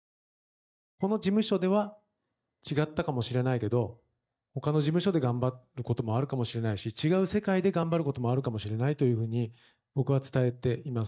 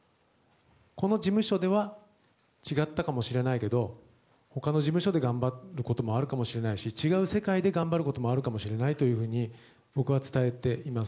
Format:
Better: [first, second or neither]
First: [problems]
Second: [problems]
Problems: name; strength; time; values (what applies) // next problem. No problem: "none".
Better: second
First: noise reduction (neural mask model DeepFilterNet 3)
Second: none